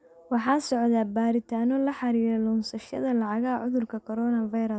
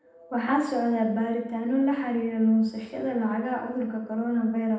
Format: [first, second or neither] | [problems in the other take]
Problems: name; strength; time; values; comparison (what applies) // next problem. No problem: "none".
first | room echo; dies away in 0.8 s